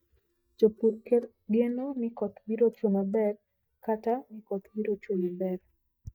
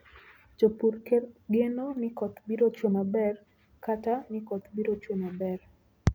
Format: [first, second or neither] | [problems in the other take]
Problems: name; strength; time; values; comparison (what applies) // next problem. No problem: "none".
second | noise reduction (neural mask model DeepFilterNet 3)